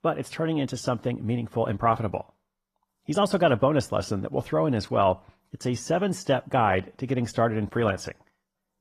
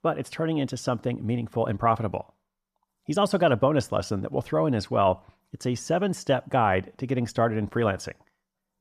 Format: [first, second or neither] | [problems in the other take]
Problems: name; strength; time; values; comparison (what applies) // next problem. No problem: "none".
second | garbled, watery; slightly; nothing above 14.5 kHz